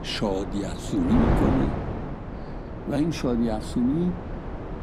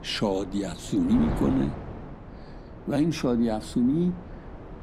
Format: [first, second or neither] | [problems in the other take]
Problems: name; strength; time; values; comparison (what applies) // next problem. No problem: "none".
second | wind noise on the microphone; heavy; 4 dB below the speech; occasional gusts in the second